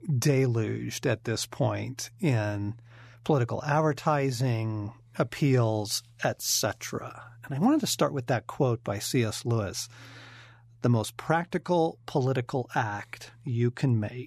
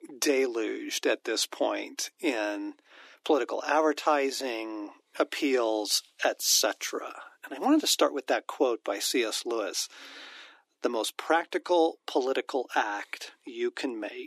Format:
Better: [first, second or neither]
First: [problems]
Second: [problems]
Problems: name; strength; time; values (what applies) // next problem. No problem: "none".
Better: first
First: none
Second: thin; somewhat; fading below 300 Hz